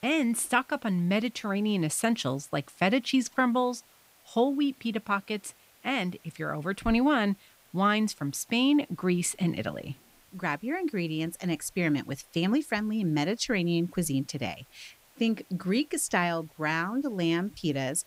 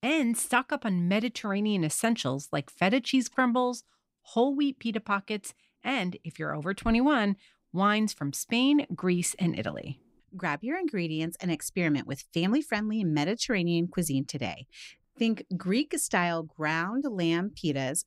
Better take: second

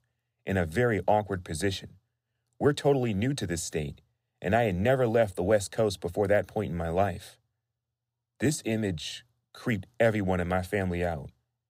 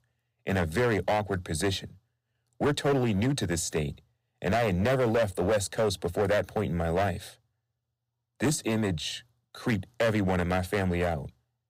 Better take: first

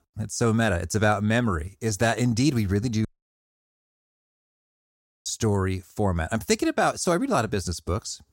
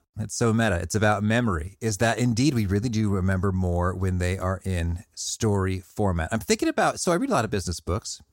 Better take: second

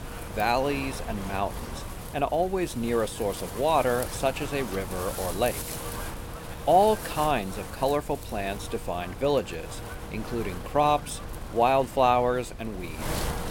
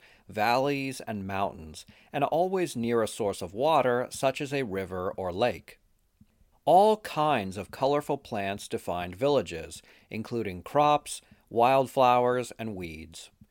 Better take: second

